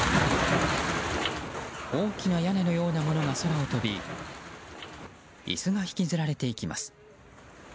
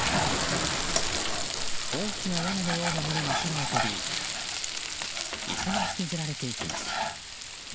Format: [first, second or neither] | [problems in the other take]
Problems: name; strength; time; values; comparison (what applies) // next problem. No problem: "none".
first | background sound (Frying (food)); 3 dB above the speech